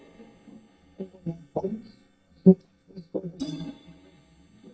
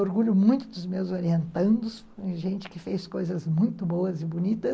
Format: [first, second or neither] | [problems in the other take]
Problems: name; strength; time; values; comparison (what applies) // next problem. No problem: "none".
second | noise reduction (neural mask model DeepFilterNet 3)